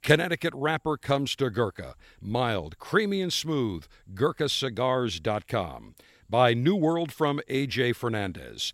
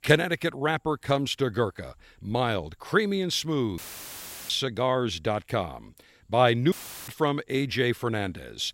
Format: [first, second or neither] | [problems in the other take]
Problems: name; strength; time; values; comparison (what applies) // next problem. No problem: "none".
first | audio cutting out; filled with static; at 4 s for 0.5 s and at 6.5 s